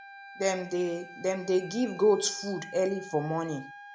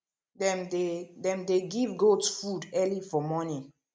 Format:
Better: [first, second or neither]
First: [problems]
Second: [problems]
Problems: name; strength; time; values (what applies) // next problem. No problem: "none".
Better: second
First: background sound (Wind instrument, woodwind instrument); 16 dB below the speech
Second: none